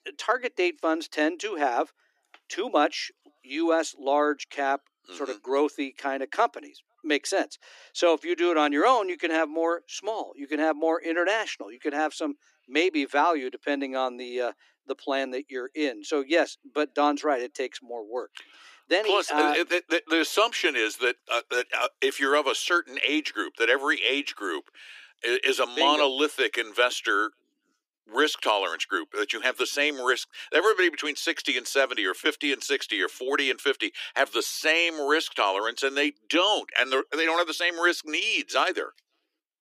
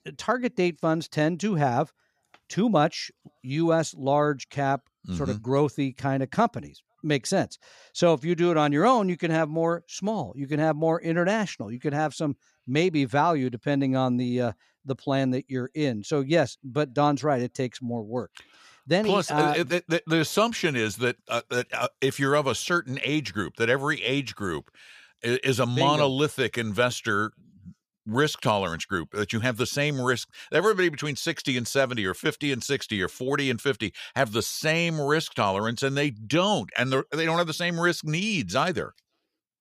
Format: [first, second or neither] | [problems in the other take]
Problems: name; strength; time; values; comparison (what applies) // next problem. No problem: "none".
second | thin; somewhat; fading below 300 Hz